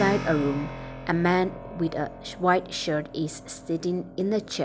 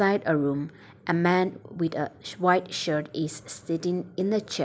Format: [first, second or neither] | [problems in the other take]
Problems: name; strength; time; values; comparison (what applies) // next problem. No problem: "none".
second | background sound (Keyboard (musical)); 11 dB below the speech